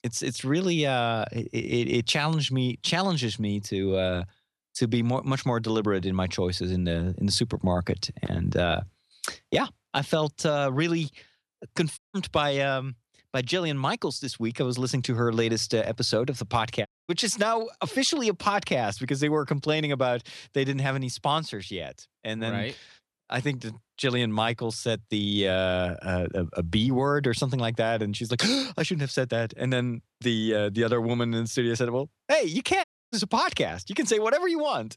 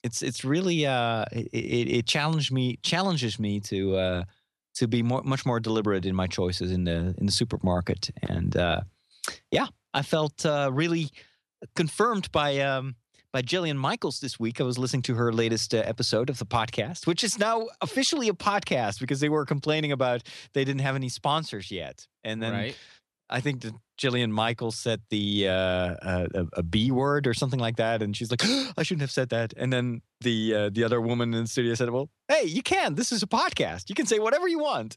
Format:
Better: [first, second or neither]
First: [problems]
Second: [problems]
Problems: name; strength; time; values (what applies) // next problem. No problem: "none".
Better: second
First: audio cutting out; at 12 s, at 17 s and at 33 s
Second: none